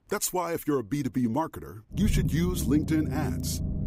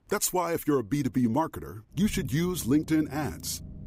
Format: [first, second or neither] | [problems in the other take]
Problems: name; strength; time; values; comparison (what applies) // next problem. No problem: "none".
second | low rumble; loud; from 2 s on; 8 dB below the speech; faint in the second